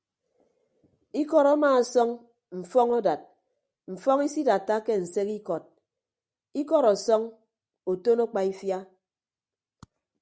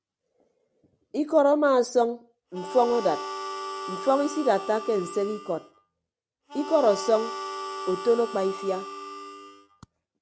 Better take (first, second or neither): first